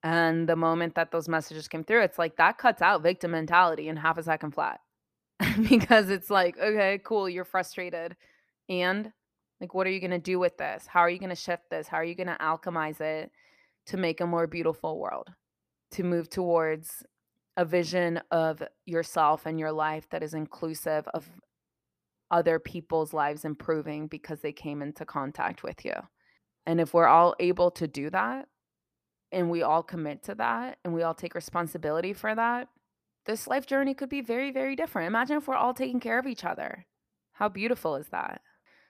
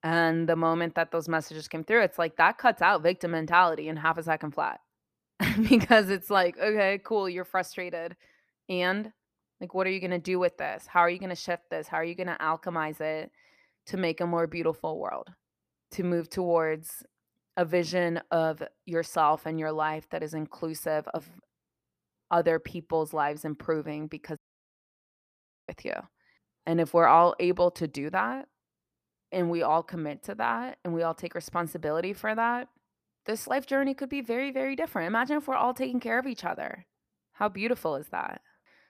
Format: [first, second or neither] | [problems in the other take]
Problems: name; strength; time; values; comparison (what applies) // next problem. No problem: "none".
first | audio cutting out; at 24 s for 1.5 s